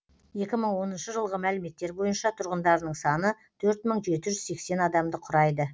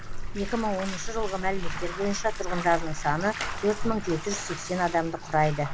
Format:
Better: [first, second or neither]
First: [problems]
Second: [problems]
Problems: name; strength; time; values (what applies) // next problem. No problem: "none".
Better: first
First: none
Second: background sound (Bathtub (filling or washing)); 3 dB below the speech